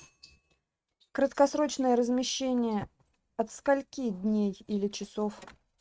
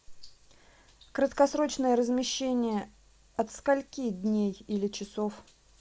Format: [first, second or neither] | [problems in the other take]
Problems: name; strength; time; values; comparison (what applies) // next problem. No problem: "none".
second | noise reduction (neural mask model RNNoise)